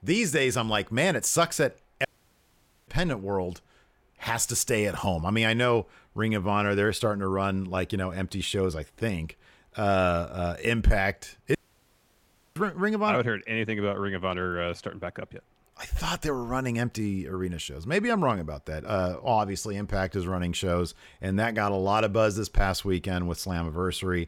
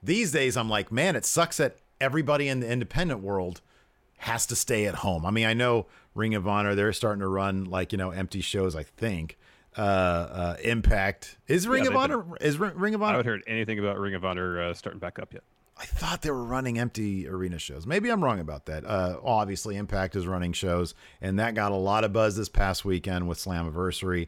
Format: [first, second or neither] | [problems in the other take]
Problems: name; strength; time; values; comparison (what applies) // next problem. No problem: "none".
second | audio cutting out; at 2 s for 1 s and at 12 s for 1 s